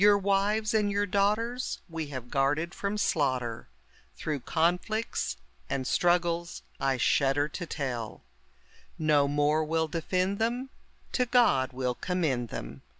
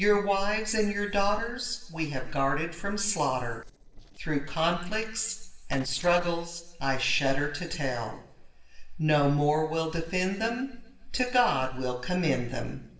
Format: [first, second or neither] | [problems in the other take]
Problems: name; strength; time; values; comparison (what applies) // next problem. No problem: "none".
first | noise reduction (neural separator model SepFormer DNS4)